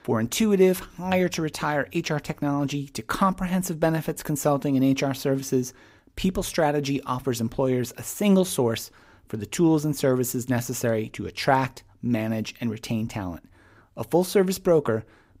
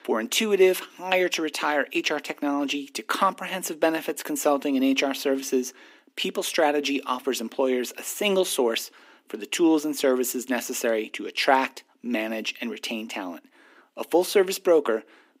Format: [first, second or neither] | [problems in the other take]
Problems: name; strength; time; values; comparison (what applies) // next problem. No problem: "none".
first | thin; very slightly; fading below 250 Hz